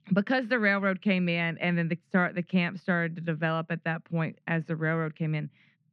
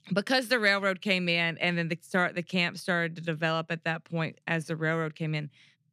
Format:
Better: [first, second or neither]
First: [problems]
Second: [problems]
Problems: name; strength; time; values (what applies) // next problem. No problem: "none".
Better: second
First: muffled; slightly; fading above 2 kHz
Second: none